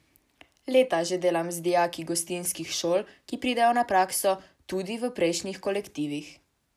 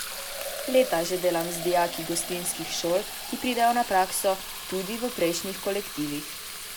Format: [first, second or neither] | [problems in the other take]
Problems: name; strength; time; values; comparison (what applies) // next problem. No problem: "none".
first | background sound (Fill (with liquid)); 8 dB below the speech